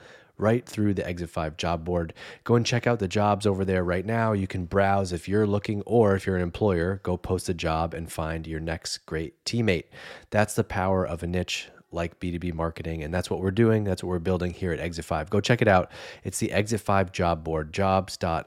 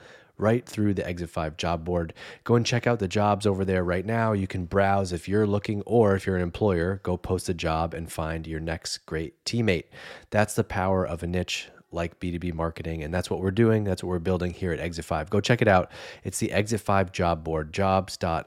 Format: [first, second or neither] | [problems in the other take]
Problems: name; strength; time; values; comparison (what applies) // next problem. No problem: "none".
neither | none